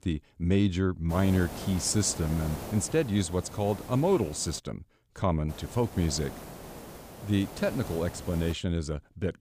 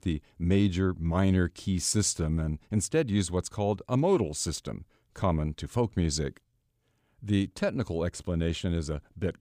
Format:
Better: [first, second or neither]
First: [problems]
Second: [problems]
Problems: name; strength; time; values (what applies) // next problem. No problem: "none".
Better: second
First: hiss; noticeable; from 1 to 4.5 s and from 5.5 to 8.5 s; 15 dB below the speech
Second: none